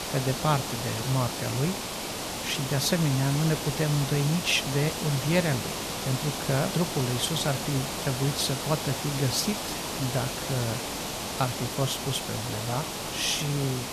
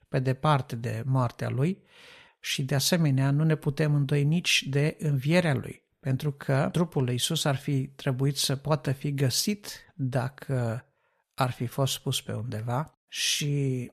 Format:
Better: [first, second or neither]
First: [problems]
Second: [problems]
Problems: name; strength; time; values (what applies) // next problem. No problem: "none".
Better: second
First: hiss; loud; throughout; 3 dB below the speech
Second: none